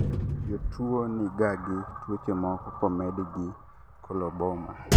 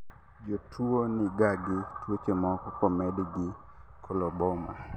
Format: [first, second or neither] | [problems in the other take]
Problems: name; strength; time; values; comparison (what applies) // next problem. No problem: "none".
second | background sound (Motor vehicle (road)); 1 dB above the speech